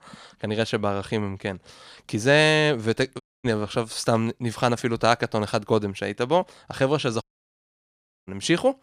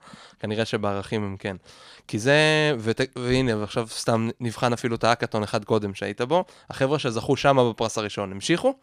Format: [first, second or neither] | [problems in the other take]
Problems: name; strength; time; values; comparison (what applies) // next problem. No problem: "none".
second | audio cutting out; at 3 s and at 7 s for 1 s